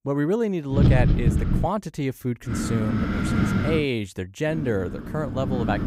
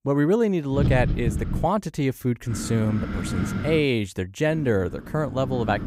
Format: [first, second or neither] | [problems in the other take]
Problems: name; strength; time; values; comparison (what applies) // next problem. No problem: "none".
second | wind noise on the microphone; heavy; at 1 s, from 2.5 to 4 s and from 4.5 s on; 3 dB below the speech; occasional gusts in the second